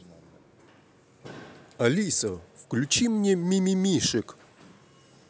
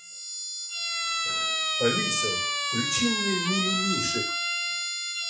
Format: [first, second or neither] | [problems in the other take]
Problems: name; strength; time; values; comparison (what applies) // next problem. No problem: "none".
first | noise reduction (classical method WPE with log-MMSE)